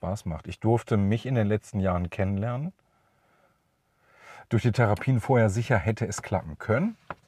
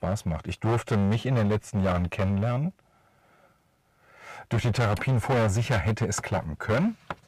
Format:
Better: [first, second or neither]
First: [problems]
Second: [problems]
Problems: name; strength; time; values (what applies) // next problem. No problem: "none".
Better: first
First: none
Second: distortion; heavy; 14% of the sound clipped